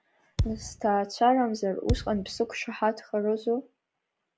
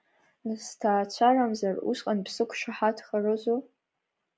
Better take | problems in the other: second | background sound (Thump, thud); 5 dB below the speech

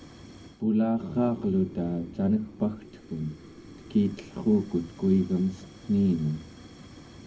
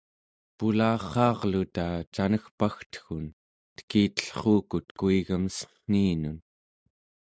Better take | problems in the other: second | background sound (Fire); 18 dB below the speech // room echo; dies away in 0.3 s

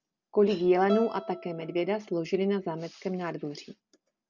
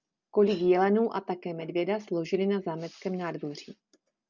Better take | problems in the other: second | background sound (Bowed string instrument); 15 dB below the speech

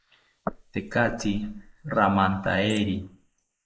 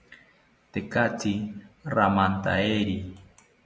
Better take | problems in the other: second | noise reduction (neural mask model Resemble Enhance denoiser)

